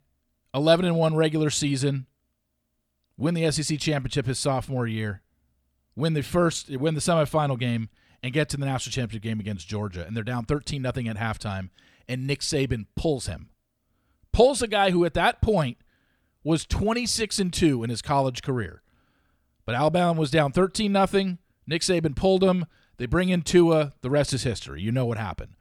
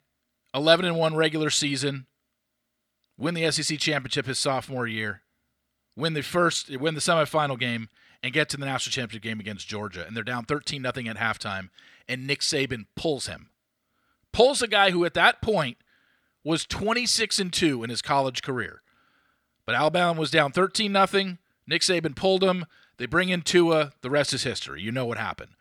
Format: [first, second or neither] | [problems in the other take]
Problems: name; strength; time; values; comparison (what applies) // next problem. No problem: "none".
first | thin; very slightly; fading below 500 Hz